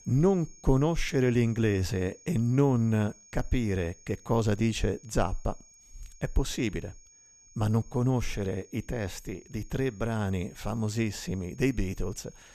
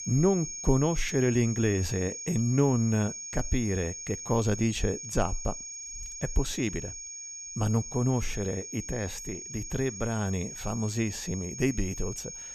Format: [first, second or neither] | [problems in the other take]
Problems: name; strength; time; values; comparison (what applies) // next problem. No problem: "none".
first | high-pitched whine; loud; throughout; 6.5 kHz, 8 dB below the speech; faint in the first